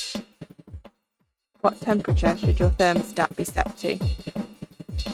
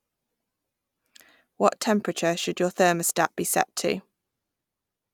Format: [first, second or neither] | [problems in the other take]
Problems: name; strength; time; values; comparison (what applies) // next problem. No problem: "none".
second | noise reduction (neural mask model RNNoise)